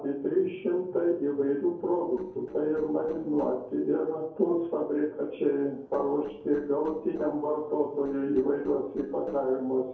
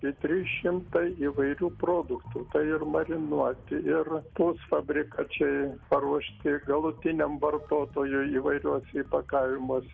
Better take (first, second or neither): second